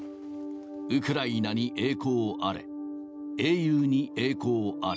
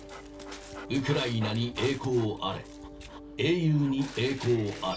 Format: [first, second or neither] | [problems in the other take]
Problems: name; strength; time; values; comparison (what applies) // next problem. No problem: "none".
first | background sound (Dog); 15 dB below the speech // room echo; dies away in 0.2 s